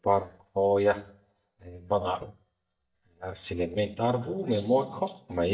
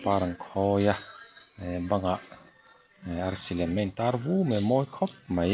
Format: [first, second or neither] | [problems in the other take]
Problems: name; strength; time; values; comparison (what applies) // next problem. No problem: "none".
second | noise reduction (neural mask model DeepFilterNet 3)